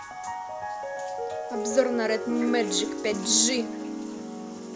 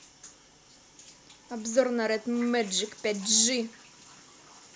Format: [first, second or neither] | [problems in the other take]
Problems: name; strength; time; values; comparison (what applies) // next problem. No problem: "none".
second | background sound (Piano); 4 dB below the speech